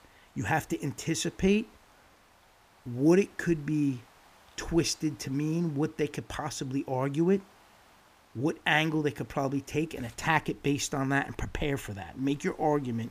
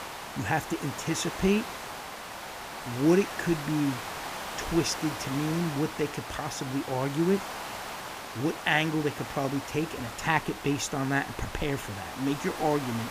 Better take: first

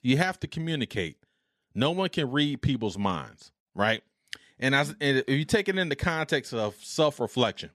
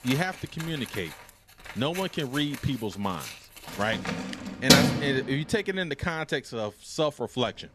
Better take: first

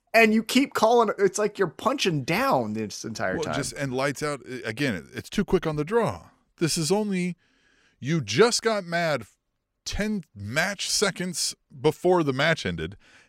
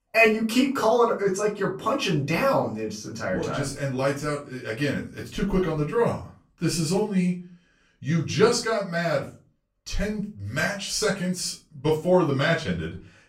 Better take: first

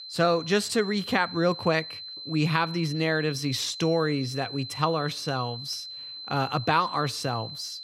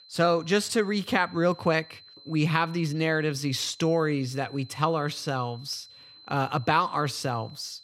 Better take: second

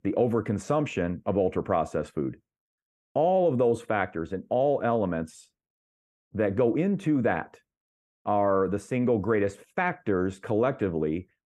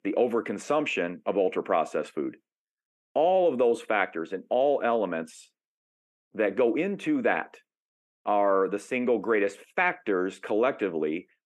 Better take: first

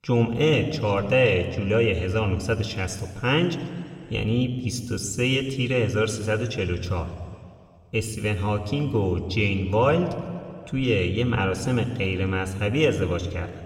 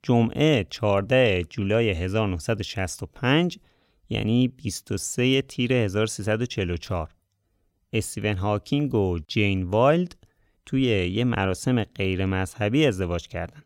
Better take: second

